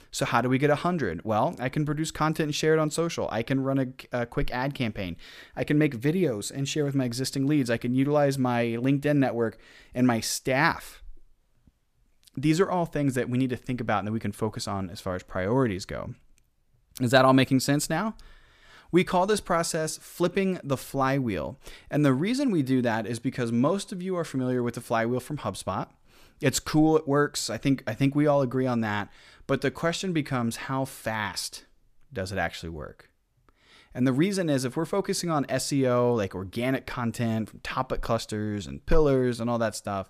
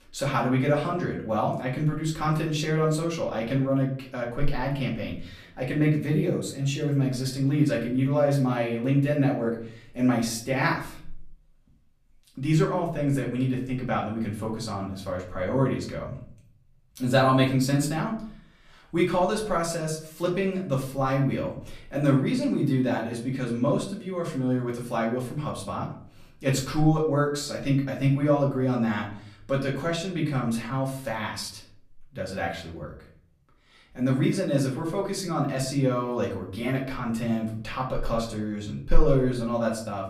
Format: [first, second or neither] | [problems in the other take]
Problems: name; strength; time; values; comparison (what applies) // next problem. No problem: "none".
first | room echo; slight; dies away in 0.5 s // off-mic speech; far